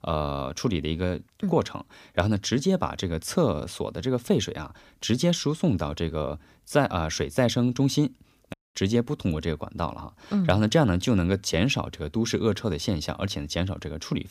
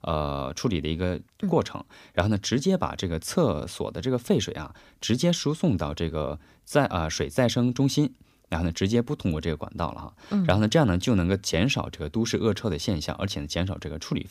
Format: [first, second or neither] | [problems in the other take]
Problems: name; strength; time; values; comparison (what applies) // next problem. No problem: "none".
second | audio cutting out; at 8.5 s